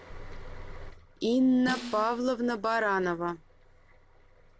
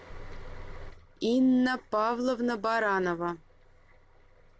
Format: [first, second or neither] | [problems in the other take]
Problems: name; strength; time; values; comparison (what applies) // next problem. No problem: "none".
second | background sound (Snare drum); 11 dB below the speech